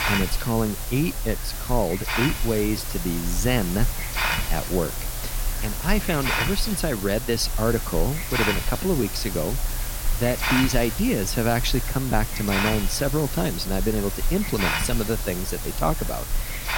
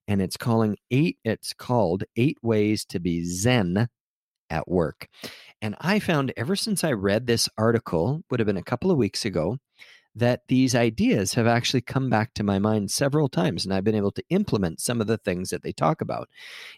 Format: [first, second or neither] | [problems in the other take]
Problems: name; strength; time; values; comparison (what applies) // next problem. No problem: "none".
second | hiss; loud; throughout; 2 dB below the speech